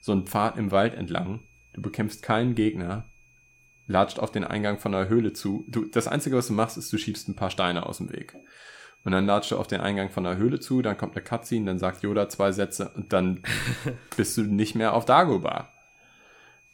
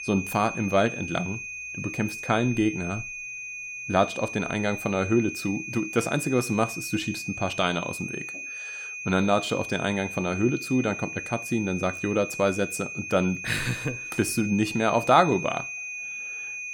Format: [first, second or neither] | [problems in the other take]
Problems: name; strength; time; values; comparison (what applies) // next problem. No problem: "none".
first | high-pitched whine; loud; throughout; 2.5 kHz, 7 dB below the speech; faint in the first